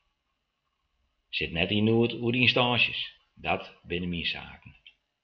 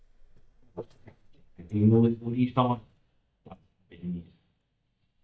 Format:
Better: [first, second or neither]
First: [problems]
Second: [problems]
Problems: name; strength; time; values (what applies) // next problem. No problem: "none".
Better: first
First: none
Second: noise reduction (neural mask model DeepFilterNet 3)